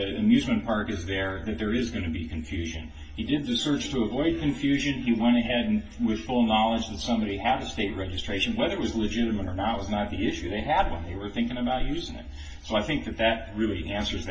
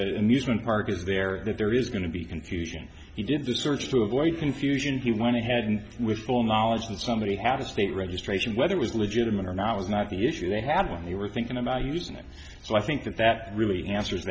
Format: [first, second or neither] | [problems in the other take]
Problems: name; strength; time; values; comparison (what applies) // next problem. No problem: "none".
second | room echo; dies away in 0.2 s